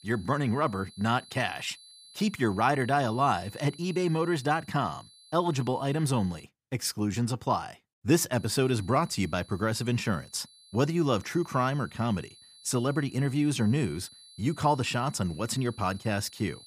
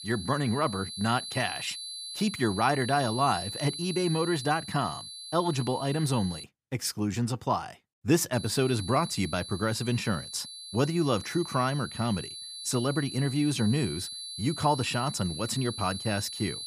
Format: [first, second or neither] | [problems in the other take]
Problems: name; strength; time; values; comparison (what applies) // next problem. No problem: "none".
first | high-pitched whine; loud; until 6.5 s and from 8.5 s on; 4 kHz, 9 dB below the speech; faint in the first